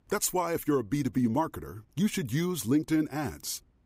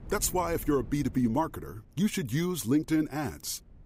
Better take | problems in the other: first | wind noise on the microphone; occasional gusts; 25 dB below the speech

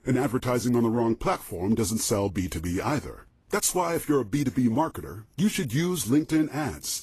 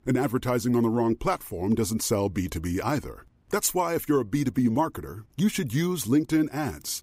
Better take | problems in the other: second | garbled, watery; slightly; nothing above 12.5 kHz

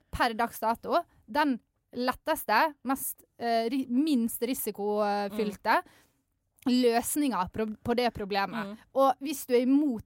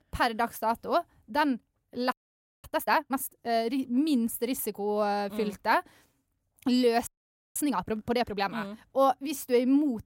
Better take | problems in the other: first | audio freezing; at 2 s for 0.5 s and at 7 s

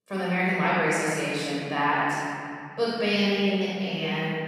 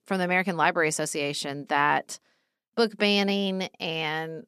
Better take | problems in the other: second | off-mic speech; far // room echo; strong; dies away in 2.9 s

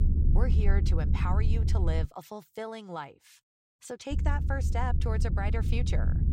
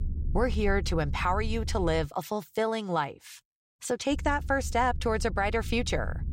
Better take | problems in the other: second | low rumble; loud; until 2 s and from 4 s on; 6 dB below the speech; faint in the second

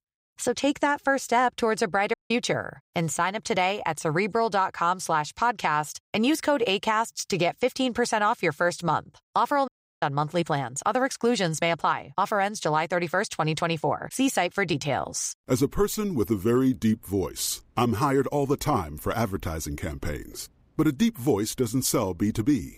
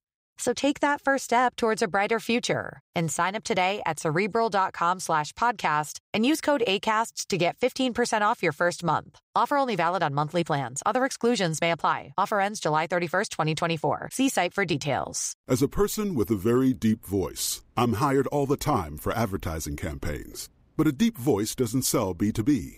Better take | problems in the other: second | audio cutting out; at 2 s and at 9.5 s

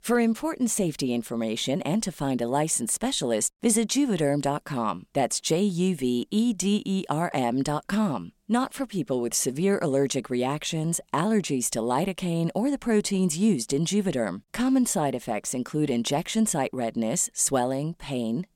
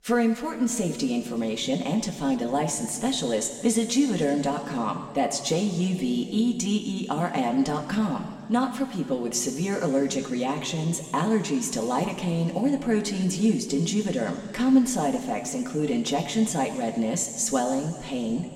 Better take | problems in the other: first | room echo; slight; dies away in 2.5 s // off-mic speech; somewhat distant

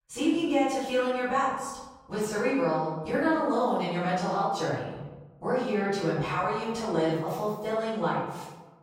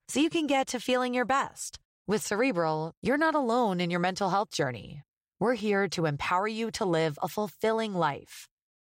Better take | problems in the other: second | room echo; strong; dies away in 1.1 s // off-mic speech; far

